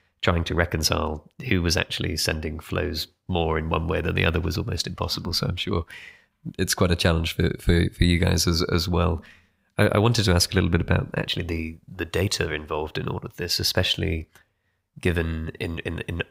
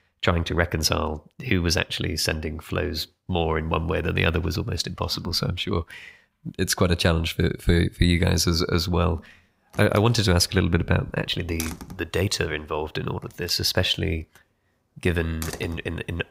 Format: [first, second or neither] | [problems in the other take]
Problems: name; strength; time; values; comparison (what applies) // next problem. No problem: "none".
first | door banging; noticeable; from 9.5 to 16 s; peak 9 dB below the speech